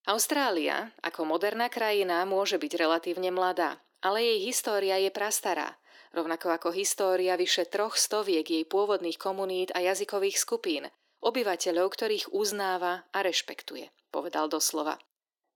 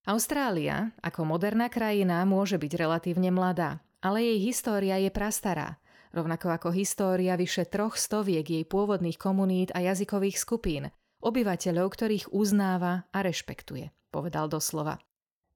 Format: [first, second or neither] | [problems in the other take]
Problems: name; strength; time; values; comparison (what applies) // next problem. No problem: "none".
second | thin; very; fading below 300 Hz